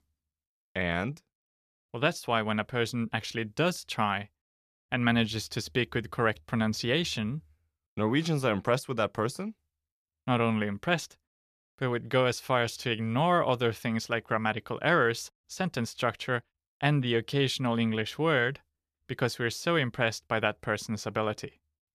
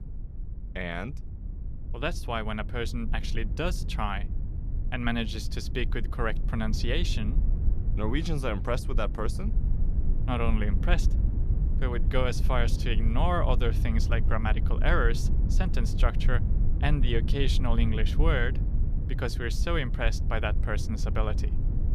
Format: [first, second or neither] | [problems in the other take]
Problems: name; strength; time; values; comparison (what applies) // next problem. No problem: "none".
first | low rumble; noticeable; throughout; 15 dB below the speech